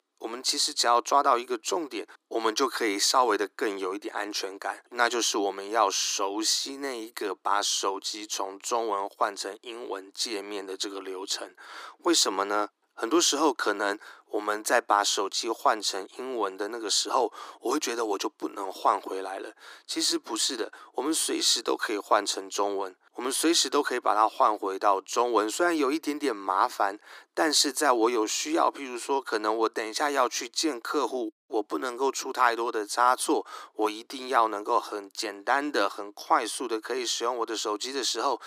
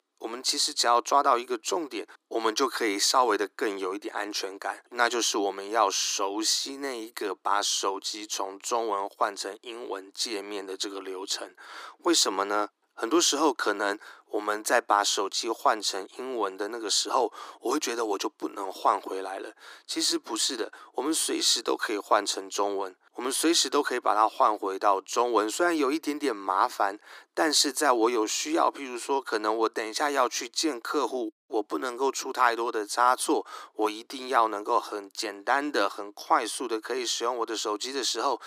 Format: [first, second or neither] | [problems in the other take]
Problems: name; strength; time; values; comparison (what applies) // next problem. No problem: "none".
neither | thin; very; fading below 300 Hz; the same in both